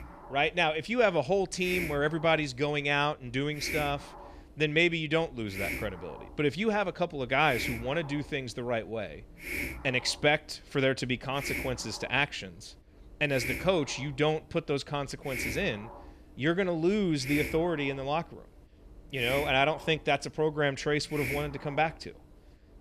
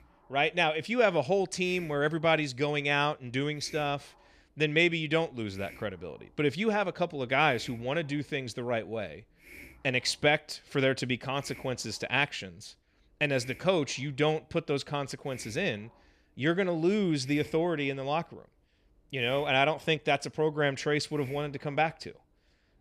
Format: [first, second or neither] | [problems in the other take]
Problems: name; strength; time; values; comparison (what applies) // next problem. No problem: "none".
second | hiss; loud; throughout; 9 dB below the speech; faint in the second